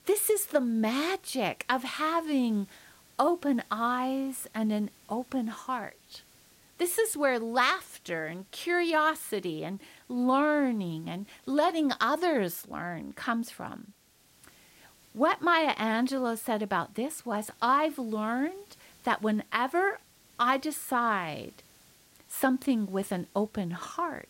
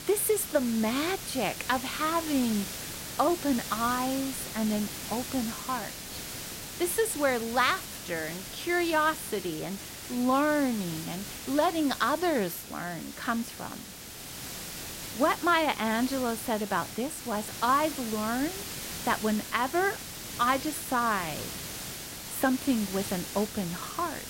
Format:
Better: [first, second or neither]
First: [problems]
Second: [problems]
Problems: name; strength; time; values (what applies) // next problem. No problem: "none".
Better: first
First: hiss; faint; throughout; 30 dB below the speech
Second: hiss; loud; throughout; 8 dB below the speech